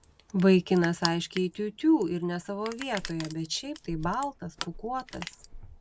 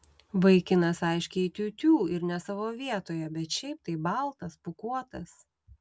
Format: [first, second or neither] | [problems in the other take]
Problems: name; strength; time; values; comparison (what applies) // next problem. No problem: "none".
second | background sound (Crushing); 14 dB below the speech